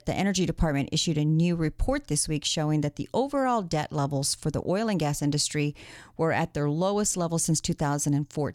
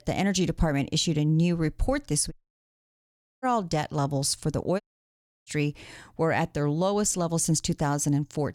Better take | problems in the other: first | audio cutting out; at 2.5 s for 1 s and at 5 s for 0.5 s

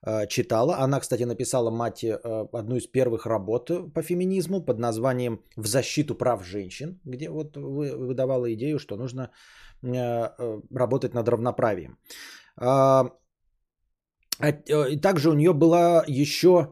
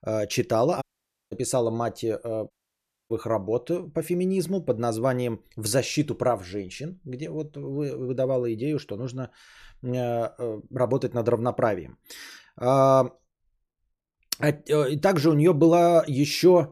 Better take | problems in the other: first | audio cutting out; at 1 s and at 2.5 s for 0.5 s

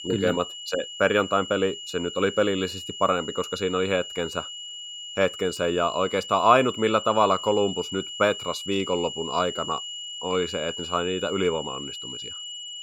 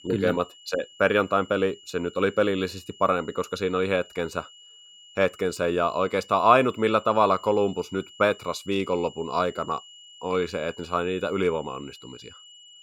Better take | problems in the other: second | high-pitched whine; loud; throughout; 3 kHz, 9 dB below the speech; faint in the second

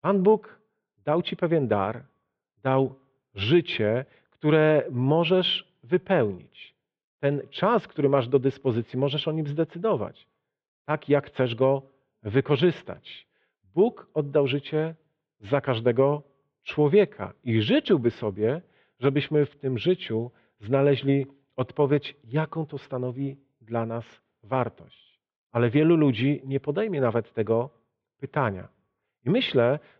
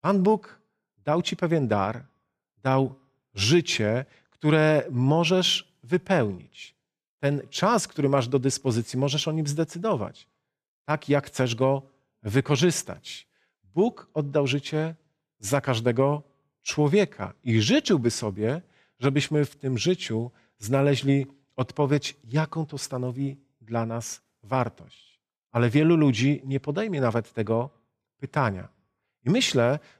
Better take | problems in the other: second | muffled; very; fading above 3.5 kHz

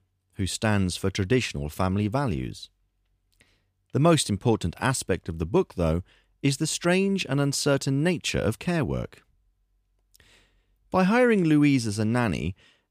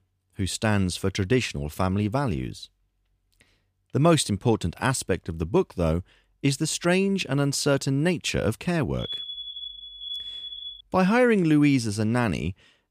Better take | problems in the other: first | alarm; noticeable; from 9 to 11 s; peak 7 dB below the speech

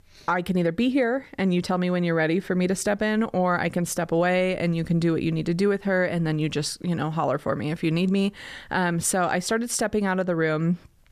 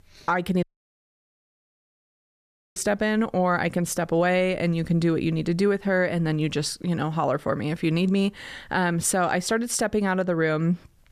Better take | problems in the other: first | audio cutting out; at 0.5 s for 2 s

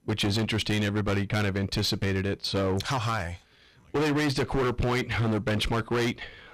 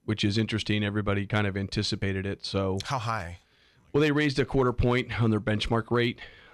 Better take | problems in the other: second | distortion; heavy; 21% of the sound clipped

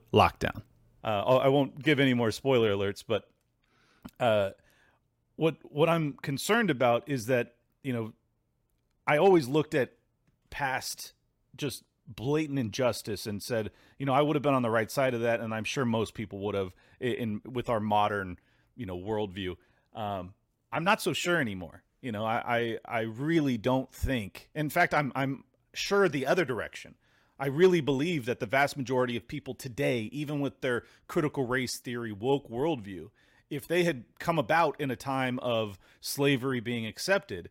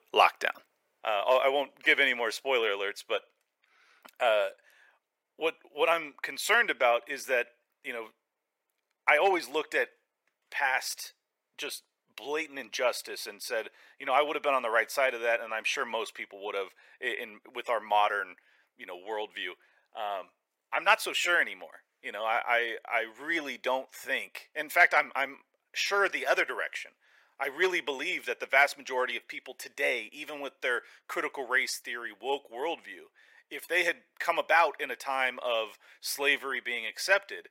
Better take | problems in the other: first | thin; very; fading below 500 Hz

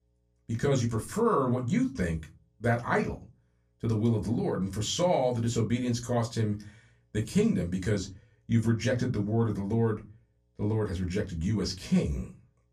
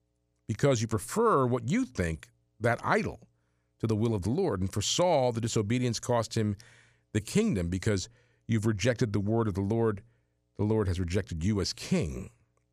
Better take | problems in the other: second | off-mic speech; somewhat distant // room echo; very slight; dies away in 0.2 s

